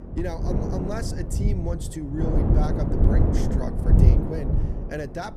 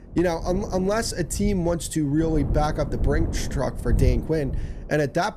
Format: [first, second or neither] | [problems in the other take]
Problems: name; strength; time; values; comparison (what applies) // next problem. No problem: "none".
second | wind noise on the microphone; heavy; 1 dB above the speech; occasional gusts in the second